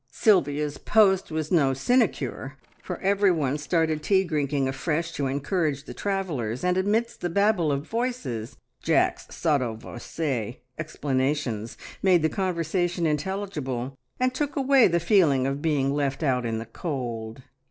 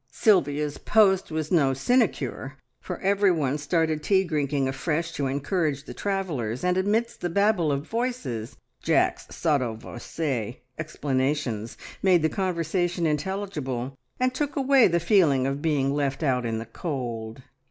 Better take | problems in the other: second | noise reduction (neural separator model SepFormer DNS4)

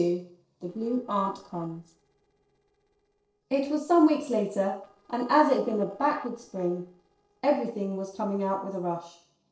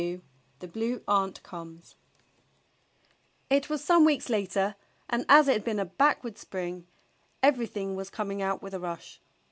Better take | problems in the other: second | noise reduction (neural separator model SepFormer DNS4)

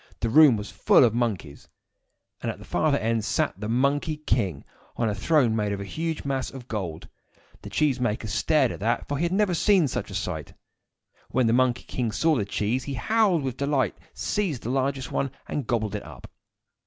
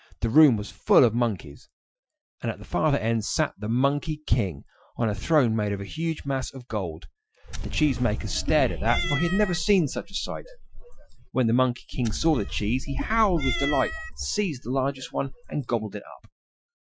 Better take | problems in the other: first | noise reduction (classical method Wiener filter)

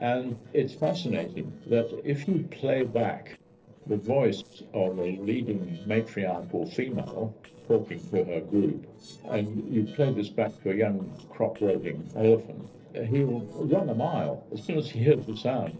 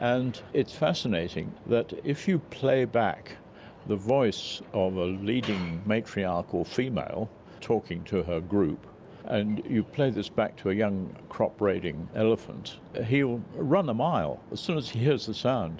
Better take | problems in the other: second | noise reduction (neural separator model SepFormer DNS4)

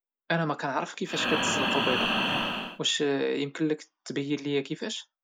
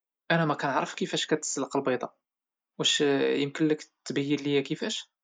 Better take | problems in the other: second | background sound (Breathing); 3 dB above the speech

